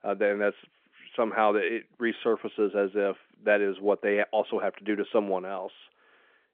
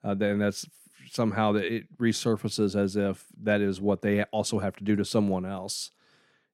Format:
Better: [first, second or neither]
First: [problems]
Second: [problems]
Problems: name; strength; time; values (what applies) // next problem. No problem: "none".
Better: second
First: phone-call audio; nothing above 3.5 kHz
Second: none